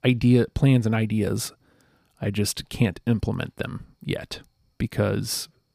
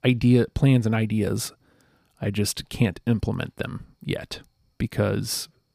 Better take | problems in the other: neither | none

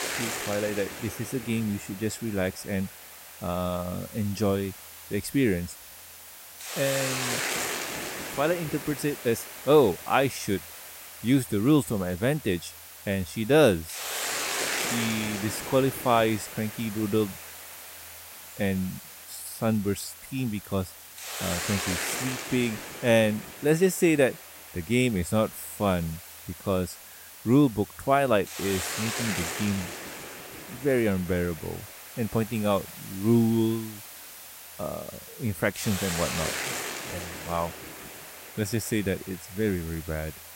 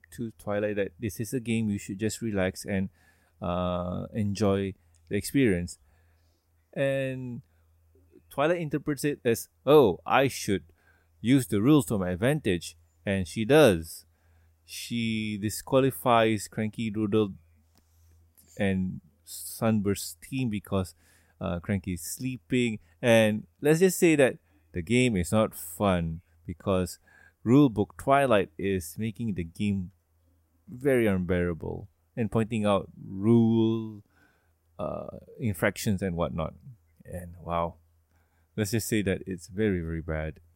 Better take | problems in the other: second | hiss; loud; throughout; 8 dB below the speech

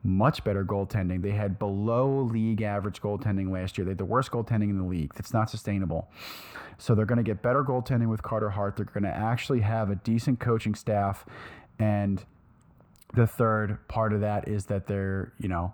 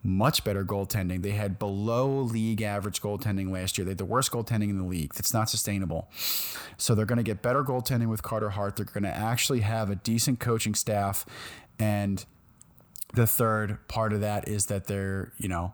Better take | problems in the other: second | muffled; very; fading above 3.5 kHz

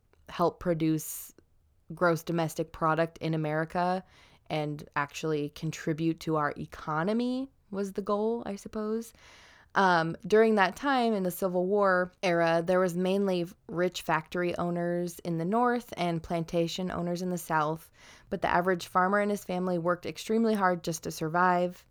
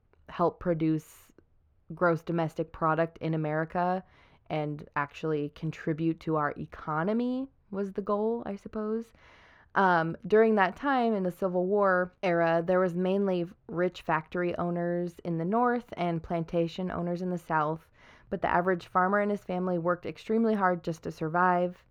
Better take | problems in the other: first | muffled; slightly; fading above 4 kHz

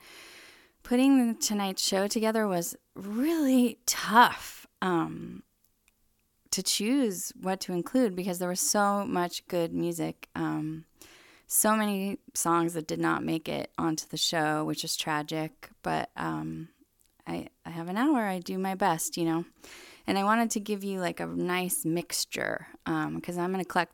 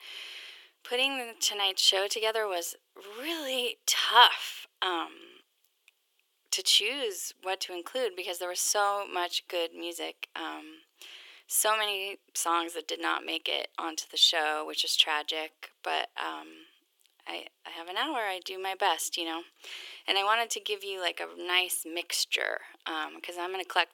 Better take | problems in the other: first | thin; very; fading below 400 Hz

